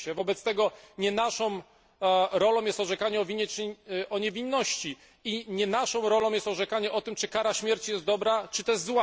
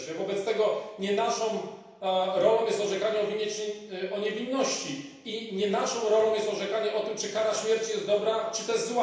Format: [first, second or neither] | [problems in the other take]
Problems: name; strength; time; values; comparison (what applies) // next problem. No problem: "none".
first | room echo; dies away in 0.9 s